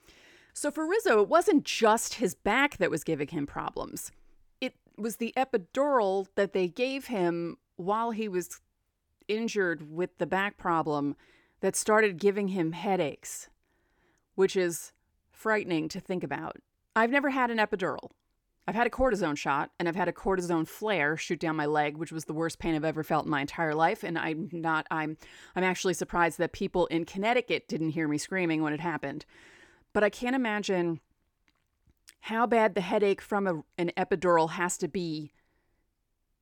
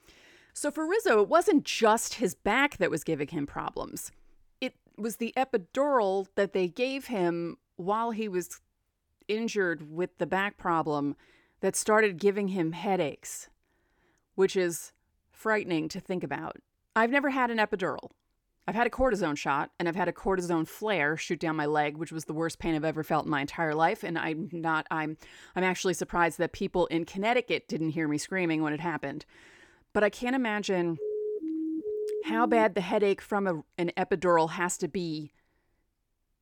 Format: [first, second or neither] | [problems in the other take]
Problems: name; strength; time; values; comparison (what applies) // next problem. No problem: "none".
first | siren; noticeable; from 31 to 33 s; peak 4 dB below the speech